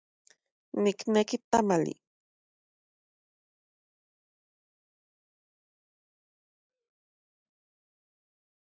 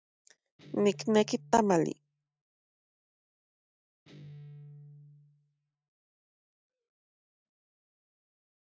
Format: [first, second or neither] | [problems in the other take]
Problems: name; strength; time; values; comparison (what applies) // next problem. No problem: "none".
first | background sound (Guitar); 19 dB below the speech